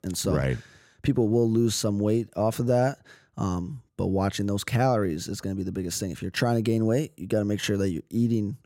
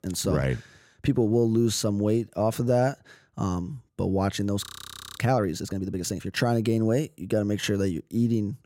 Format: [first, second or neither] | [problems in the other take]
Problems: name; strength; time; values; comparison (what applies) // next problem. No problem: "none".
first | audio freezing; at 4.5 s for 0.5 s